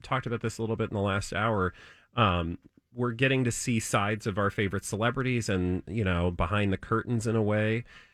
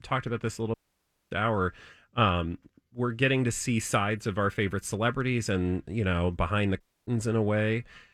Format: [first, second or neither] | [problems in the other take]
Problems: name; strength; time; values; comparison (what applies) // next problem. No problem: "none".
first | audio cutting out; at 0.5 s for 0.5 s and at 7 s